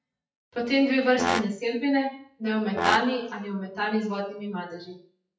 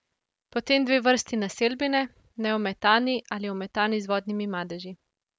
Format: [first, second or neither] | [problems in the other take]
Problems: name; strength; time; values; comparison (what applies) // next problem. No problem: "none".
second | noise reduction (classical method WPE with log-MMSE)